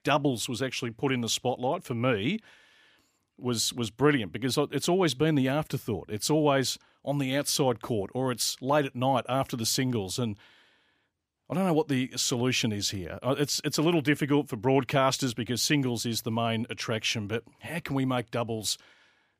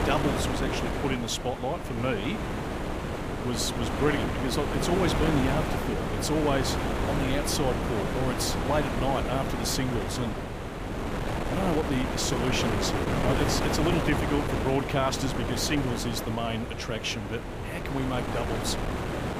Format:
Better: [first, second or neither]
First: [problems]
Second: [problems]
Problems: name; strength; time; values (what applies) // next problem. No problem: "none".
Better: first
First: none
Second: wind noise on the microphone; heavy; 1 dB below the speech